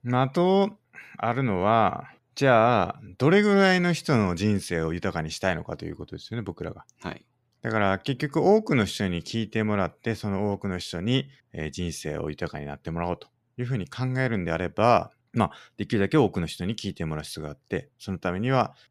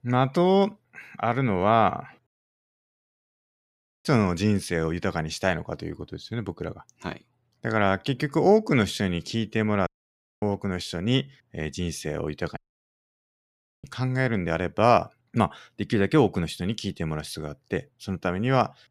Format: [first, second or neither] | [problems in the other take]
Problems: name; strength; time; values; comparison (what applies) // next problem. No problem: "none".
first | audio cutting out; at 2.5 s for 2 s, at 10 s for 0.5 s and at 13 s for 1.5 s